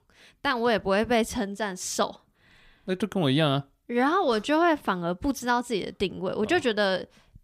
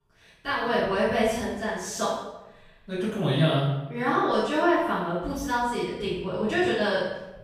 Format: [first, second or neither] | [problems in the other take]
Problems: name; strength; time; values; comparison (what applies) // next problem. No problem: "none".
first | room echo; strong; dies away in 0.8 s // off-mic speech; far